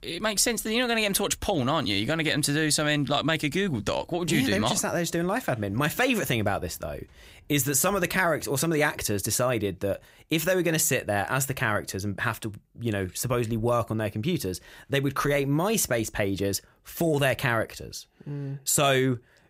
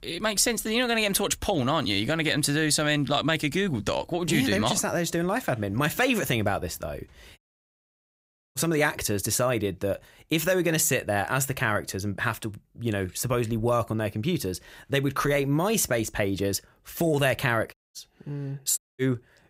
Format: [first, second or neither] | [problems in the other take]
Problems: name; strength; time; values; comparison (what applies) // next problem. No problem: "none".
first | audio cutting out; at 7.5 s for 1 s, at 18 s and at 19 s